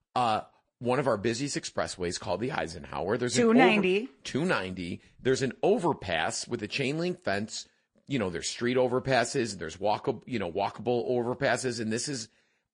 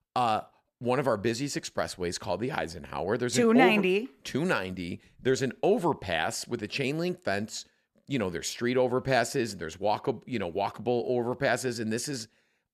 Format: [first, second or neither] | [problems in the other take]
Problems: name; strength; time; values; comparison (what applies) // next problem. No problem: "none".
second | garbled, watery; slightly; nothing above 9 kHz